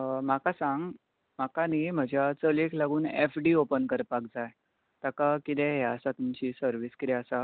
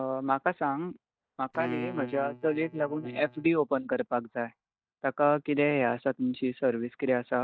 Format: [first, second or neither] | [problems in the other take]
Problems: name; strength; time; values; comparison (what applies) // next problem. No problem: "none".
first | noise reduction (neural mask model DeepFilterNet 3)